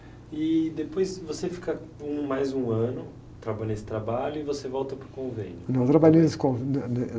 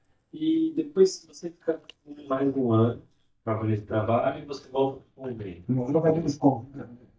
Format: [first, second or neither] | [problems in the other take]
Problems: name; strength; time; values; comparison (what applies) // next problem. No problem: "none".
first | noise reduction (neural mask model DeepFilterNet 3)